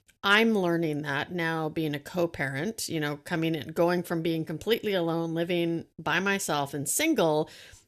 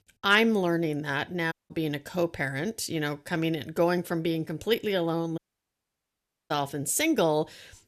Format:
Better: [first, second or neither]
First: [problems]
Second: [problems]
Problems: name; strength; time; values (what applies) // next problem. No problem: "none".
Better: first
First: none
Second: audio cutting out; at 1.5 s and at 5.5 s for 1 s